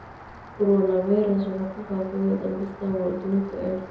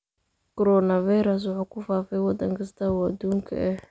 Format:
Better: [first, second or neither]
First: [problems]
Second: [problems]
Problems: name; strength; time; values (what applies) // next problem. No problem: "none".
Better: second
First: background sound (Rain); 18 dB below the speech // room echo; dies away in 0.7 s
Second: none